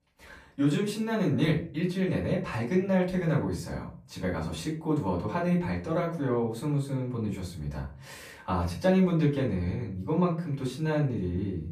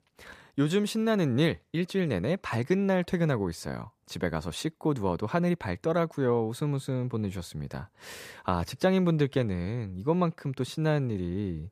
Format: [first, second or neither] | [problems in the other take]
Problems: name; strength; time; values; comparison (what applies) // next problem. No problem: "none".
second | off-mic speech; far // room echo; slight; dies away in 0.3 s